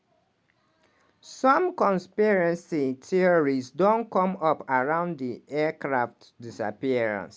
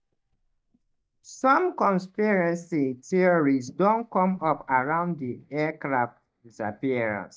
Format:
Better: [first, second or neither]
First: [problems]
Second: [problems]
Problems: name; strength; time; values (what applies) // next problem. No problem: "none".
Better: first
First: none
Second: noise reduction (neural mask model DeepFilterNet 3)